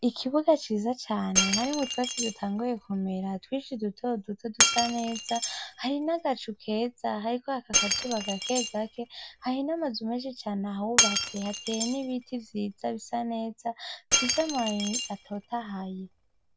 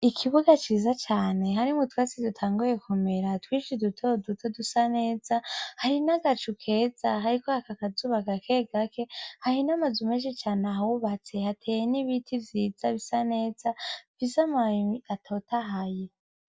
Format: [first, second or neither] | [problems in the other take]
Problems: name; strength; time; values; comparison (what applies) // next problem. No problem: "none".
second | background sound (Shatter); 2 dB below the speech